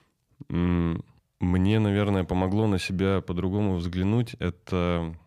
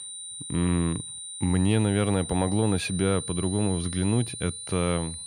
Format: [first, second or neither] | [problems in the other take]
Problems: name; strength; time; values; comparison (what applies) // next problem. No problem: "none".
first | high-pitched whine; loud; throughout; 9 kHz, 8 dB below the speech